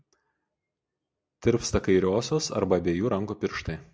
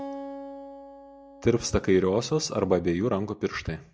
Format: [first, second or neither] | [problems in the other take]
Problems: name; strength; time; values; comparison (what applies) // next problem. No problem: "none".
first | background sound (Acoustic guitar); 17 dB below the speech